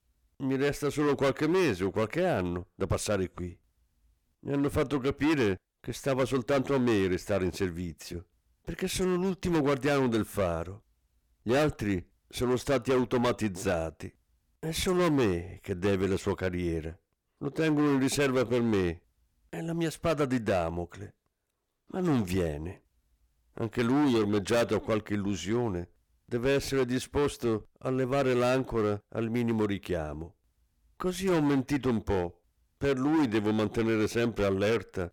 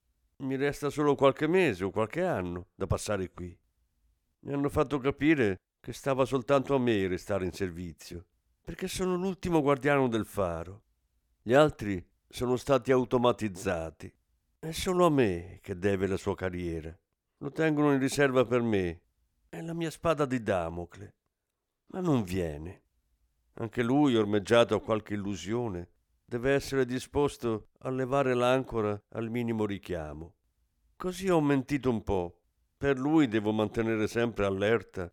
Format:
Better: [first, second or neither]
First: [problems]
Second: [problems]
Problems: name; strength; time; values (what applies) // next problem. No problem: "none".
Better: second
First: distortion; heavy; 10% of the sound clipped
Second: none